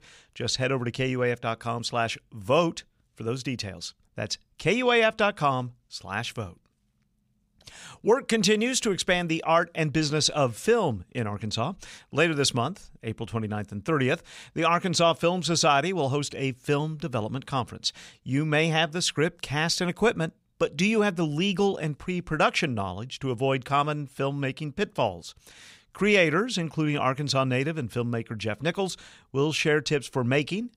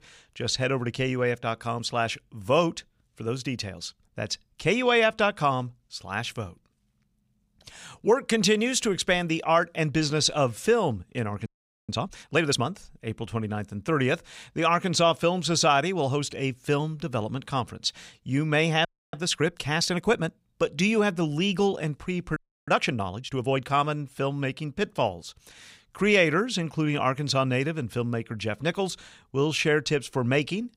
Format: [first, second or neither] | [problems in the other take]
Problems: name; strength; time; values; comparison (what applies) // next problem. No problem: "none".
first | audio freezing; at 11 s, at 19 s and at 22 s